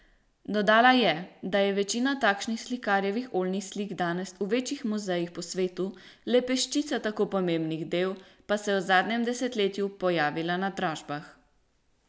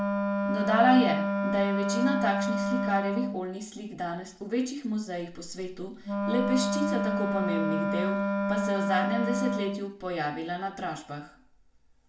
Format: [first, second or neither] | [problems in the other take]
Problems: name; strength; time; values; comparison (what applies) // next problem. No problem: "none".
first | background sound (Wind instrument, woodwind instrument); as loud as the speech // room echo; dies away in 0.4 s